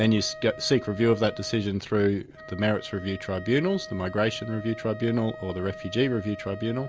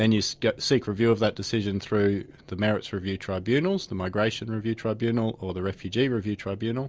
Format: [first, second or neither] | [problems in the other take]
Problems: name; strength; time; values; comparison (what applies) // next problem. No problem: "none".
second | background sound (Wind instrument, woodwind instrument); 15 dB below the speech